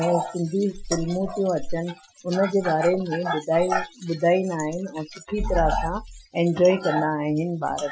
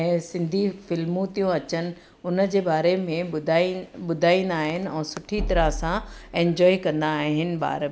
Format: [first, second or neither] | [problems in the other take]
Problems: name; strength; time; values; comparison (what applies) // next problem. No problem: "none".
second | noise reduction (classical method Wiener filter)